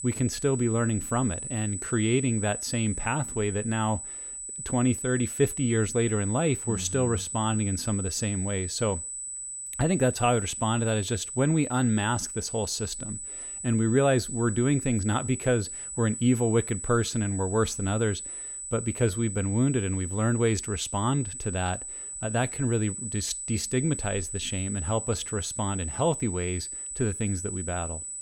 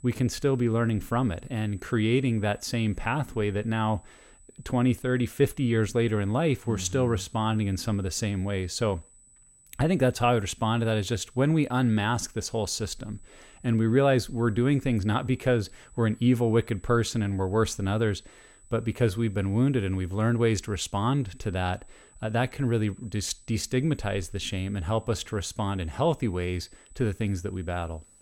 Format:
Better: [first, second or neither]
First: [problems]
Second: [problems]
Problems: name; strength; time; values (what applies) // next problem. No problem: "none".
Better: second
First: high-pitched whine; loud; throughout; 8 kHz, 6 dB below the speech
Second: high-pitched whine; faint; throughout; 8 kHz, 30 dB below the speech